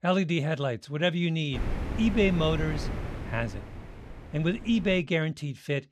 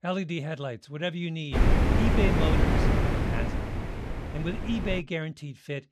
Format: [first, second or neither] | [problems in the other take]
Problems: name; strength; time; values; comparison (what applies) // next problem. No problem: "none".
first | wind noise on the microphone; heavy; from 1.5 to 5 s; 2 dB above the speech; occasional gusts in the first